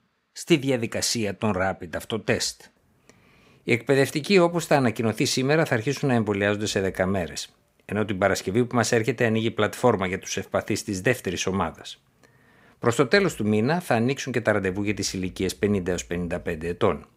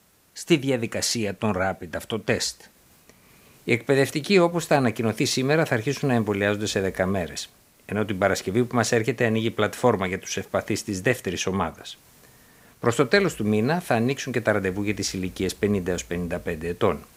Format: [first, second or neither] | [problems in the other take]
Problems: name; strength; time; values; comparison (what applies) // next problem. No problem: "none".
first | hiss; faint; throughout; 30 dB below the speech